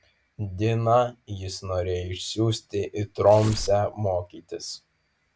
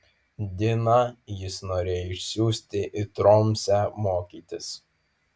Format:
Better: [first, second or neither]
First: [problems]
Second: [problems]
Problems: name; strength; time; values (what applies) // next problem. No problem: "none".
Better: second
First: background sound (Tearing); 12 dB below the speech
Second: none